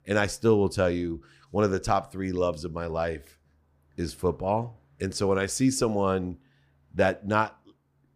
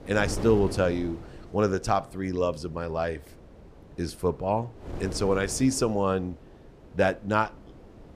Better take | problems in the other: first | wind noise on the microphone; occasional gusts; 20 dB below the speech

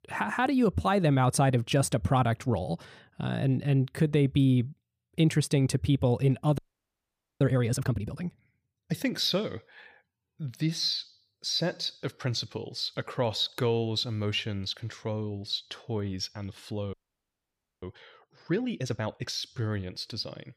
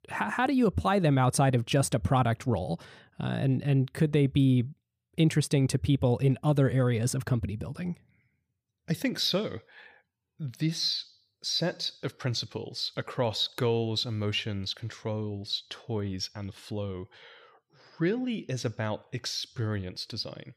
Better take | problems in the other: second | audio freezing; at 6.5 s for 1 s and at 17 s for 1 s

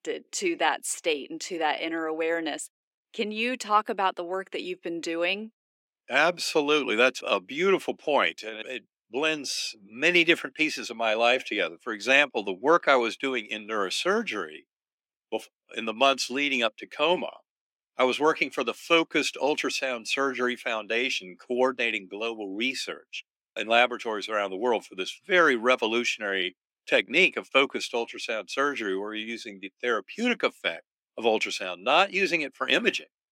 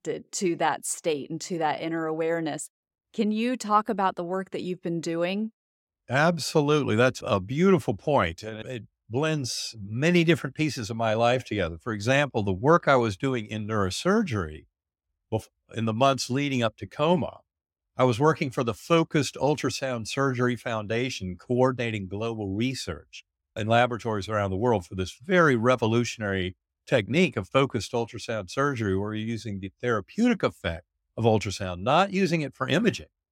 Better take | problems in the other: second | thin; somewhat; fading below 250 Hz

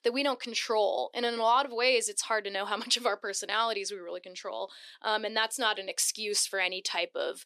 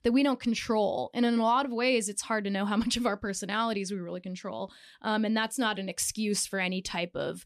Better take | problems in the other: second | thin; very; fading below 350 Hz

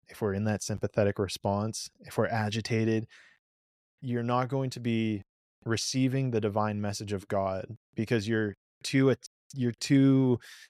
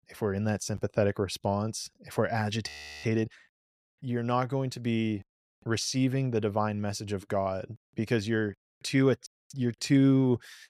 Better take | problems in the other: first | audio freezing; at 2.5 s

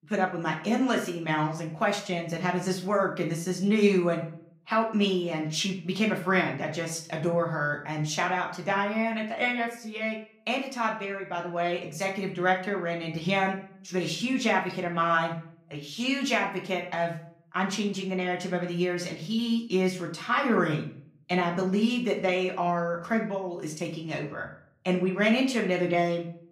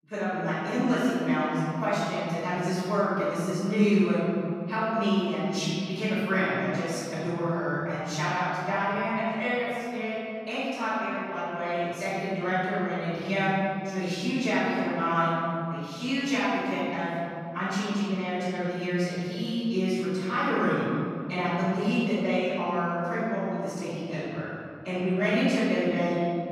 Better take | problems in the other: first | room echo; strong; dies away in 2.5 s; slight in the first // off-mic speech; far; somewhat distant in the first

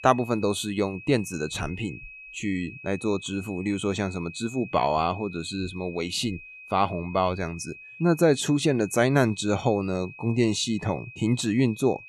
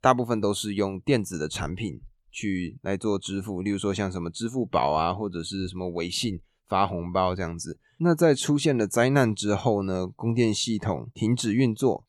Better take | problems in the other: second | high-pitched whine; noticeable; throughout; 2.5 kHz, 15 dB below the speech

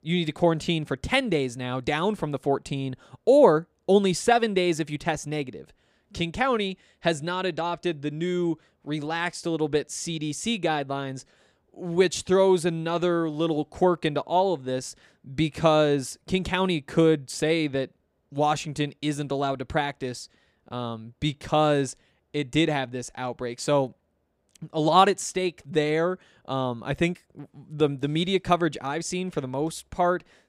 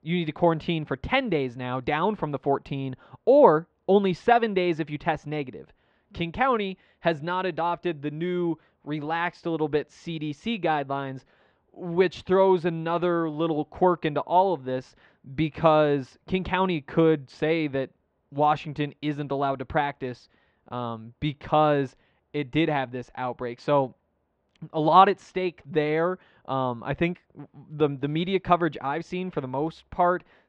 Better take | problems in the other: first | muffled; very; fading above 3 kHz

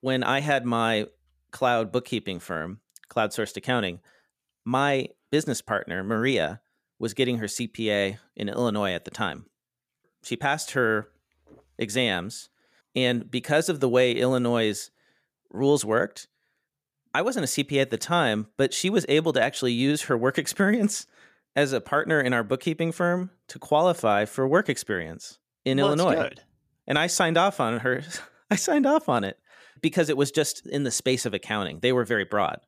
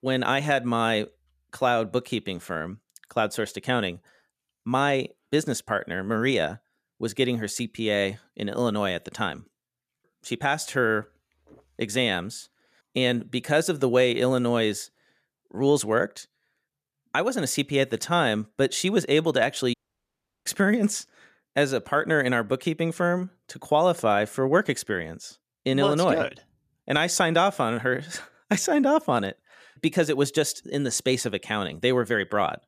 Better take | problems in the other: first | audio cutting out; at 20 s for 0.5 s

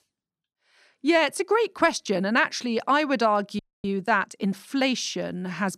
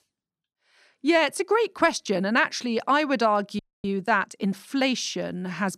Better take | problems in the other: neither | audio freezing; at 3.5 s; the same in both

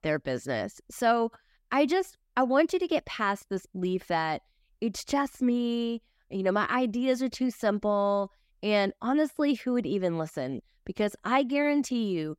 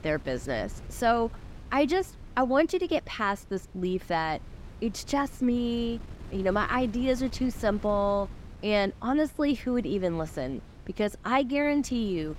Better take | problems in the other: first | wind noise on the microphone; occasional gusts; 25 dB below the speech

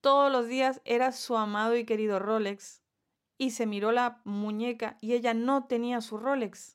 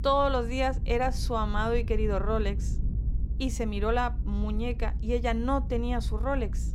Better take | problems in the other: first | low rumble; noticeable; throughout; 20 dB below the speech

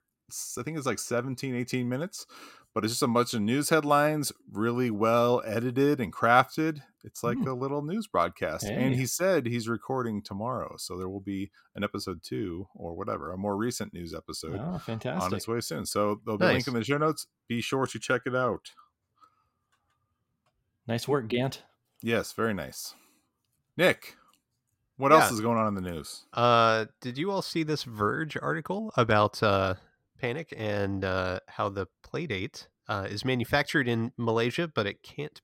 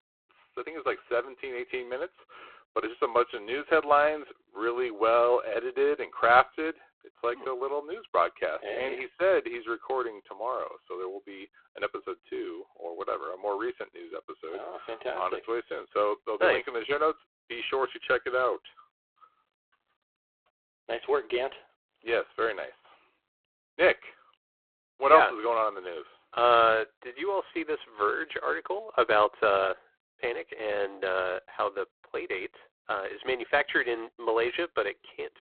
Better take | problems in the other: first | phone-call audio; poor line

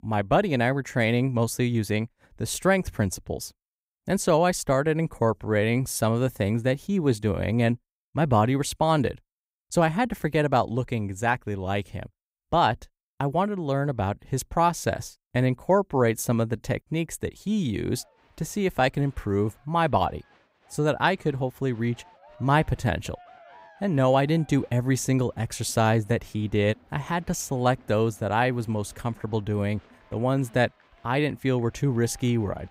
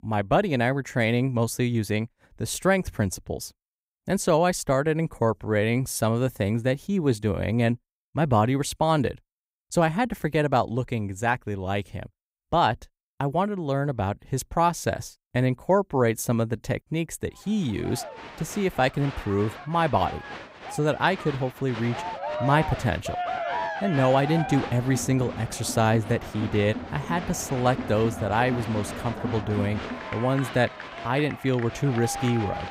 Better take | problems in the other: first | crowd noise; loud; from 18 s on; 9 dB below the speech; faint in the first

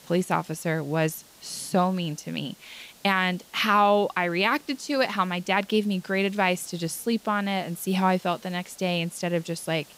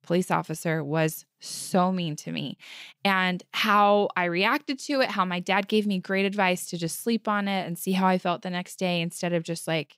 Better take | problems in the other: second | hiss; faint; throughout; 25 dB below the speech

